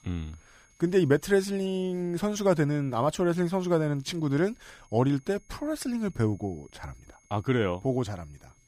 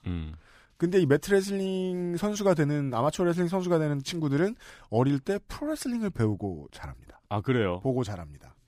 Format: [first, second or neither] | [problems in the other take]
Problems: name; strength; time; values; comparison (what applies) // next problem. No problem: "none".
second | high-pitched whine; faint; throughout; 6.5 kHz, 35 dB below the speech